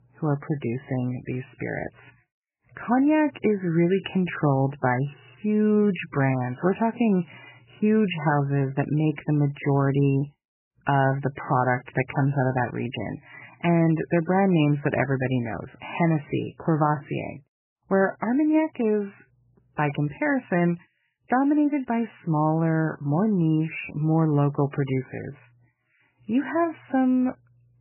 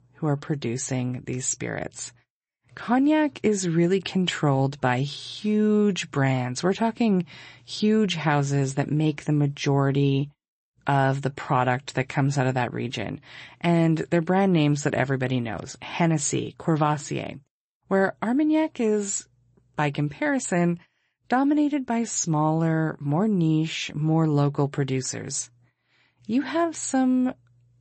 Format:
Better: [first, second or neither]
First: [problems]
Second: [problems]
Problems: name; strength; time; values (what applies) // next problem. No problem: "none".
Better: second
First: garbled, watery; badly; nothing above 3 kHz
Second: garbled, watery; slightly; nothing above 8 kHz